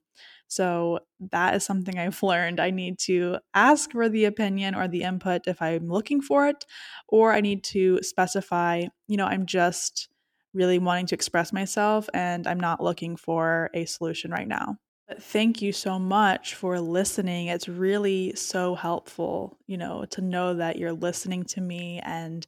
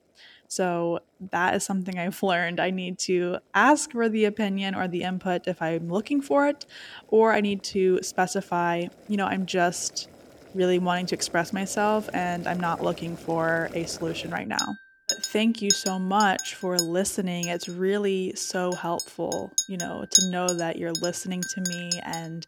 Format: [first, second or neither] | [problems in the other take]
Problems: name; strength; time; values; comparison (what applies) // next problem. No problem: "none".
first | household noises; loud; throughout; 4 dB below the speech